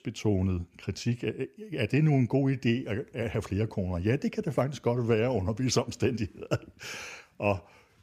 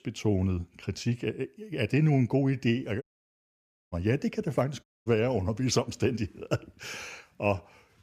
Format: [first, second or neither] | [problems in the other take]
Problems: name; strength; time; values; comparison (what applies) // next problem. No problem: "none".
first | audio cutting out; at 3 s for 1 s and at 5 s